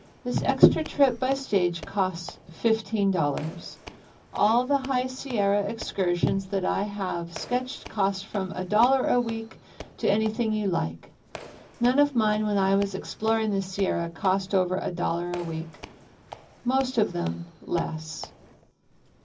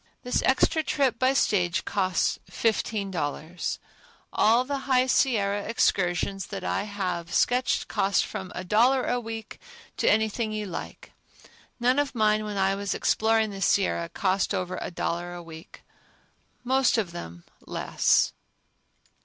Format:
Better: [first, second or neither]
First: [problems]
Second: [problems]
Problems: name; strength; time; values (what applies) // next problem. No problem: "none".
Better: second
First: background sound (Squeak / Walk, footsteps); 20 dB below the speech // room echo; dies away in 0.4 s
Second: none